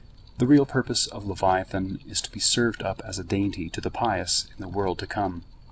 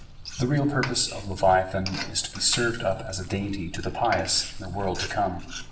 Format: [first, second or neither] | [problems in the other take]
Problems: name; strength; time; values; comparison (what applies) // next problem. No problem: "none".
first | background sound (Frying (food)); 14 dB below the speech // room echo; dies away in 0.7 s